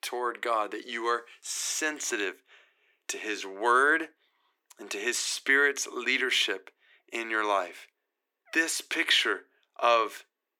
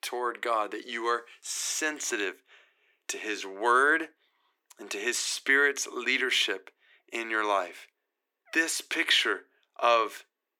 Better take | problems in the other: neither | thin; very; fading below 350 Hz; the same in both

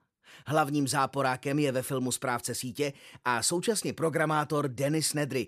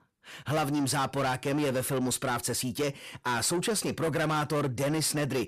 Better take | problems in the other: first | distortion; heavy; 8 dB below the speech

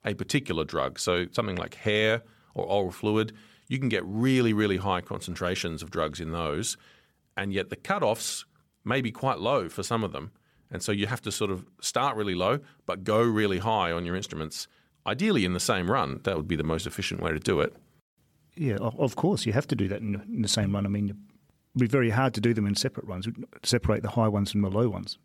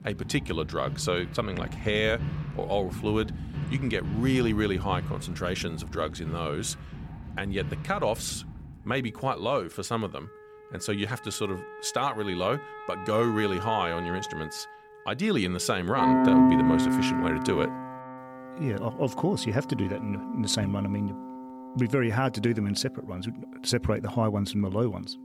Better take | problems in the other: first | background music; loud; throughout; 2 dB below the speech

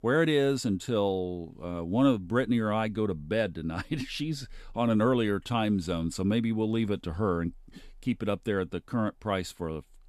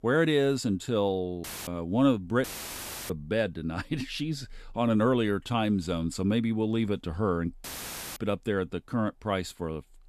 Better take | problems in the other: first | audio cutting out; filled with static; at 1.5 s, at 2.5 s for 0.5 s and at 7.5 s for 0.5 s

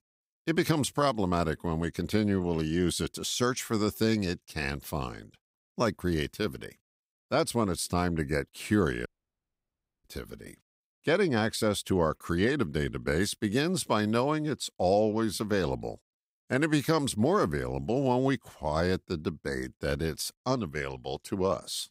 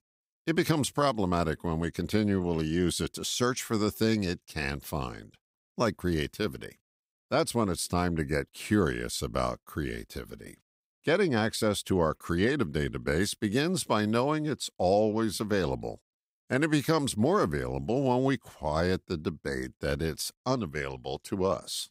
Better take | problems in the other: second | audio cutting out; at 9 s for 1 s

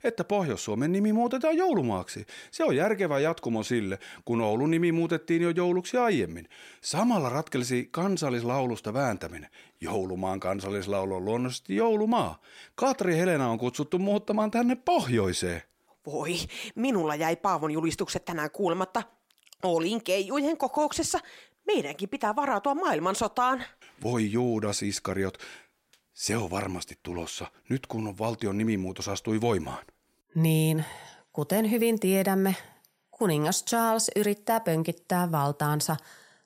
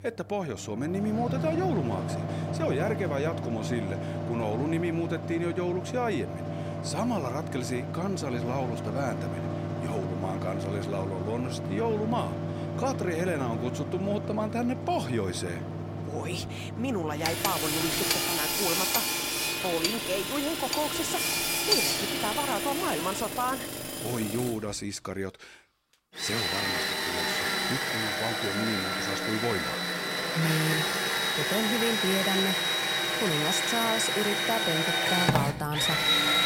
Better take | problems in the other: first | machinery noise; very loud; throughout; 3 dB above the speech

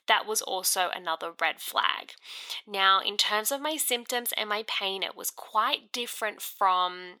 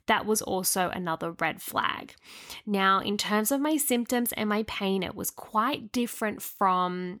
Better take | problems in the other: second | thin; very; fading below 600 Hz

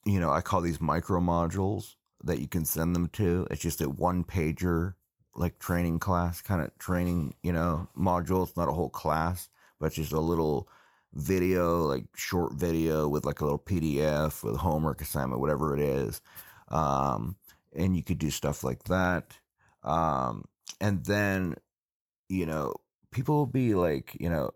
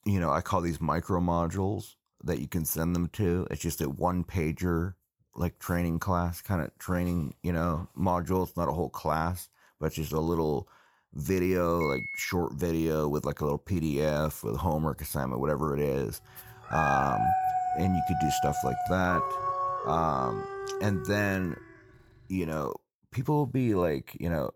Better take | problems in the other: first | phone ringing; noticeable; at 12 s; peak 4 dB below the speech // dog barking; loud; from 17 to 21 s; peak 3 dB above the speech

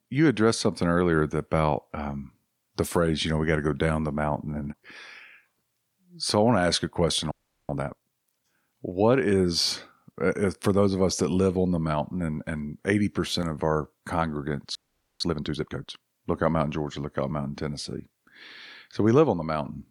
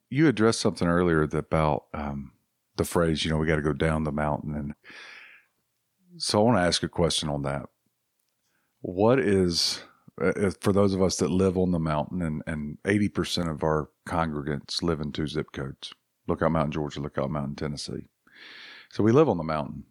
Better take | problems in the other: second | audio freezing; at 7.5 s and at 15 s

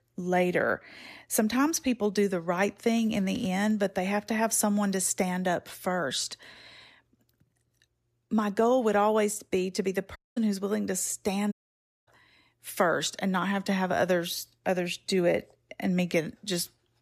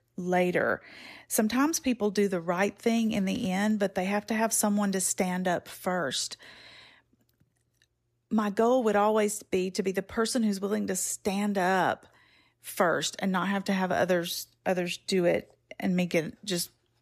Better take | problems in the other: second | audio cutting out; at 10 s and at 12 s for 0.5 s

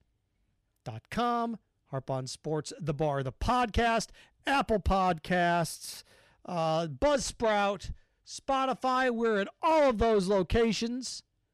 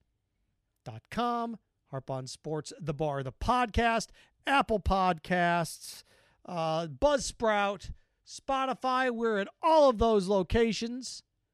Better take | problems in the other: second | distortion; slight; 10 dB below the speech

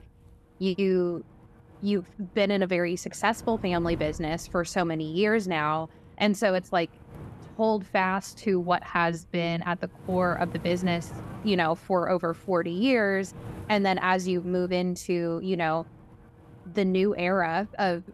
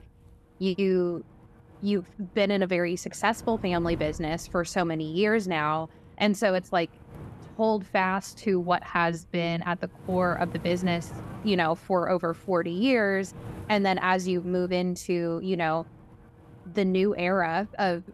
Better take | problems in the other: neither | wind noise on the microphone; occasional gusts; 25 dB below the speech; the same in both

